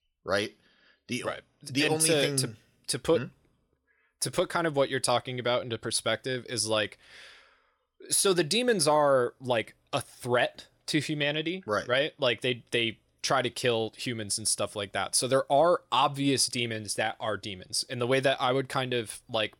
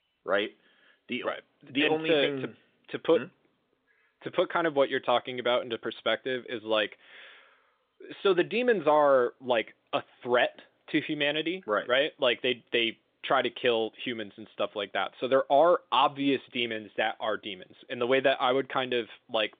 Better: first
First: none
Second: phone-call audio; nothing above 3.5 kHz

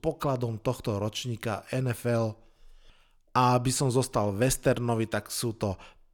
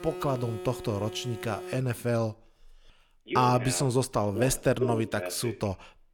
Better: first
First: none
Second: alarms or sirens; loud; throughout; 9 dB below the speech

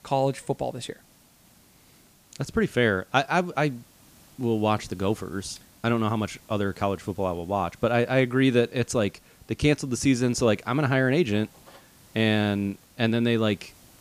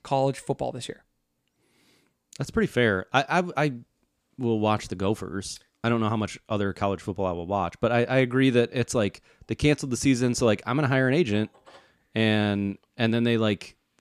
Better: second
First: hiss; faint; throughout; 30 dB below the speech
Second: none

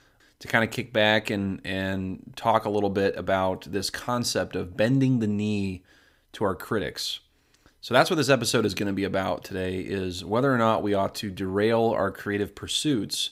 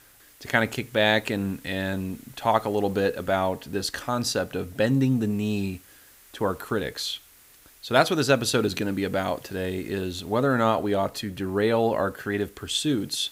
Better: first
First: none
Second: hiss; faint; throughout; 25 dB below the speech

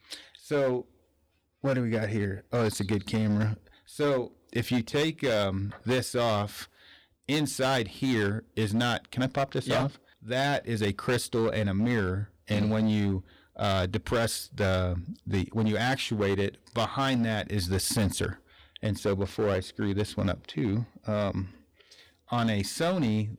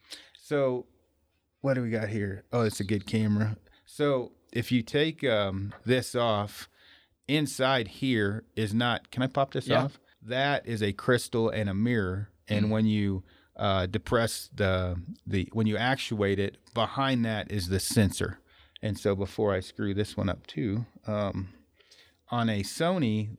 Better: second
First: distortion; slight; 10% of the sound clipped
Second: none

